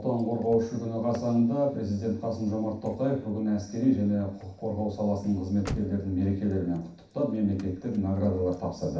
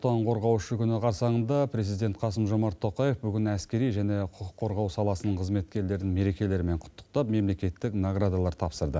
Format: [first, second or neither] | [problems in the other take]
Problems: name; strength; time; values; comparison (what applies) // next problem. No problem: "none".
second | background sound (Slam / Car); 19 dB below the speech // room echo; dies away in 0.6 s